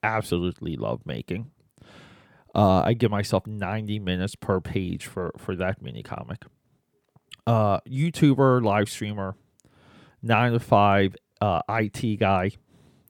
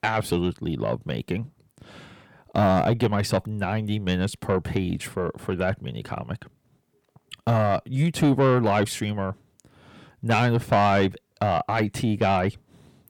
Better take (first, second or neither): first